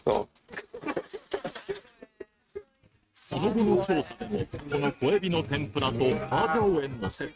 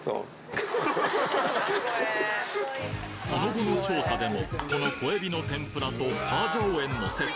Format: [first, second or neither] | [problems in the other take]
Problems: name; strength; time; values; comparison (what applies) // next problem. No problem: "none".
second | noise reduction (neural mask model RNNoise)